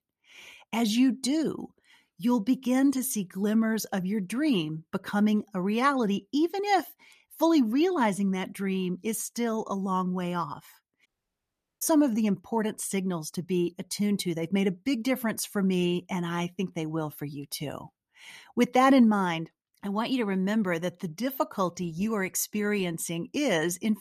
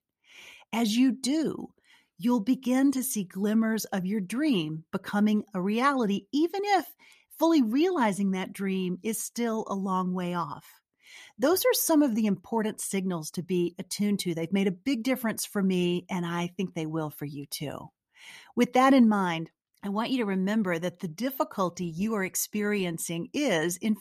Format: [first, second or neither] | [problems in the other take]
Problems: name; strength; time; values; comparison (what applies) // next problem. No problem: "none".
second | audio cutting out; at 11 s for 1 s